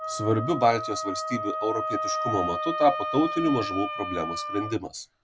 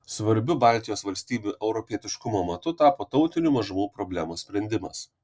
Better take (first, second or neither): second